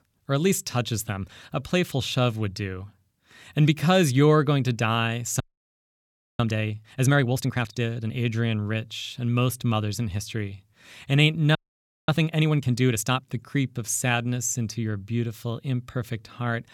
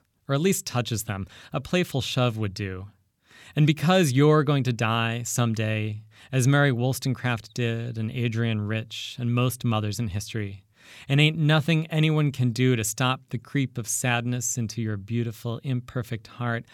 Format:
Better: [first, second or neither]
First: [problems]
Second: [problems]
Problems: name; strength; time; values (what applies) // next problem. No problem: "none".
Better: second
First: audio freezing; at 5.5 s for 1 s and at 12 s for 0.5 s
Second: none